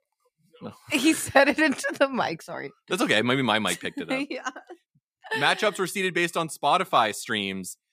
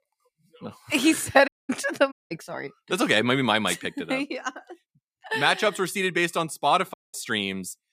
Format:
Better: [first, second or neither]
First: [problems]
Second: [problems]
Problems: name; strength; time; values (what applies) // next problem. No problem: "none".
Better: first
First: none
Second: audio cutting out; at 1.5 s, at 2 s and at 7 s